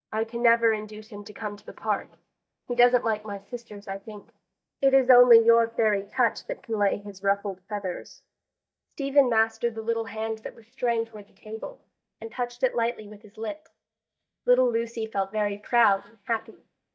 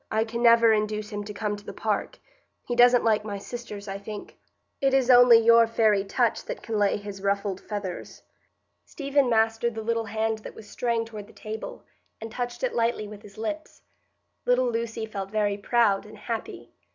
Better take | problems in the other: second | noise reduction (neural mask model DeepFilterNet 3)

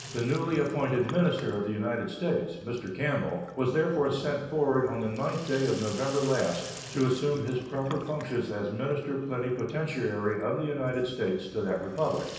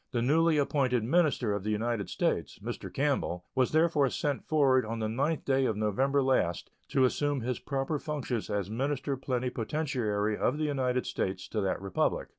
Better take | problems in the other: second | background sound (Sink (filling or washing)); 17 dB below the speech // room echo; dies away in 0.9 s

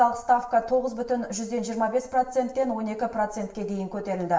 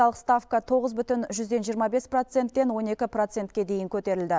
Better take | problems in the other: second | room echo; dies away in 0.6 s

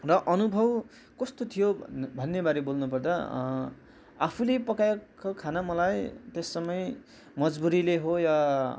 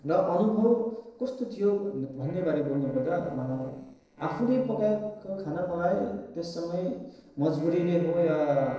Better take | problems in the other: first | noise reduction (neural separator model SepFormer DNS4)

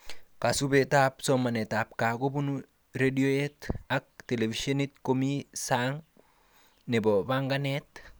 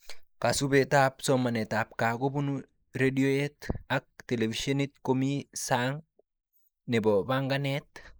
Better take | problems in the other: first | noise reduction (neural mask model Resemble Enhance denoiser)

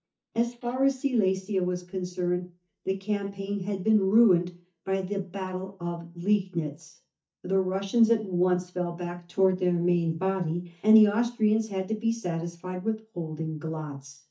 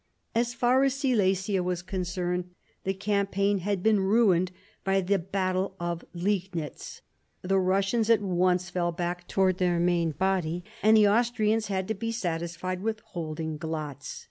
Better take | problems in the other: second | noise reduction (neural mask model DeepFilterNet 3)

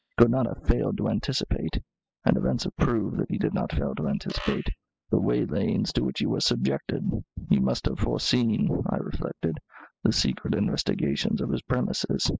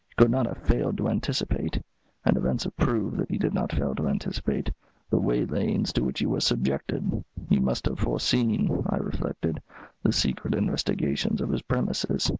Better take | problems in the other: second | noise reduction (classical method spectral subtraction)

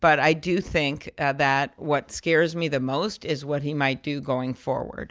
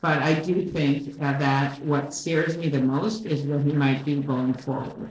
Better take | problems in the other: first | noise reduction (neural separator model SepFormer DNS4)

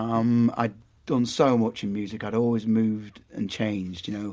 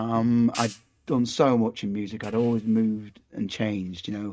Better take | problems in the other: first | noise reduction (neural mask model RNNoise)

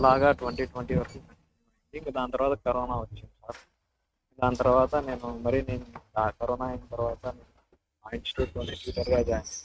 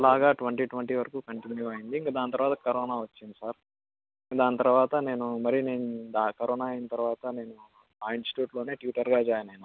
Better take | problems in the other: second | noise reduction (neural mask model RNNoise)

